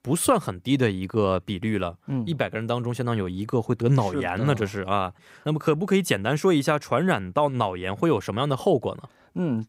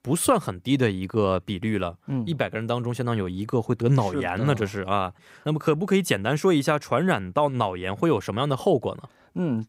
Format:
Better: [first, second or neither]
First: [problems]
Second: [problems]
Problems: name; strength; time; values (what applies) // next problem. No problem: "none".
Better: neither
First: none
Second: none